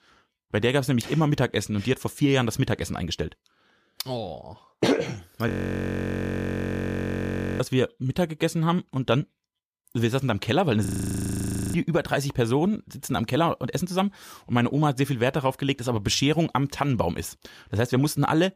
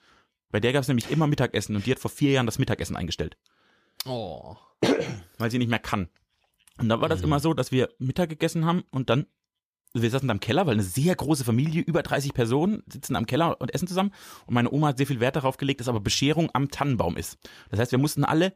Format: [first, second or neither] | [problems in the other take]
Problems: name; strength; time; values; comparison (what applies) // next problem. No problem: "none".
second | audio freezing; at 5.5 s for 2 s and at 11 s for 1 s